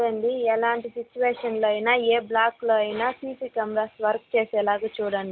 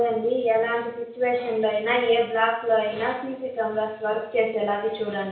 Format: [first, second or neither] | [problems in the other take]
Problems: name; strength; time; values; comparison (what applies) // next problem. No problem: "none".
first | room echo; dies away in 0.5 s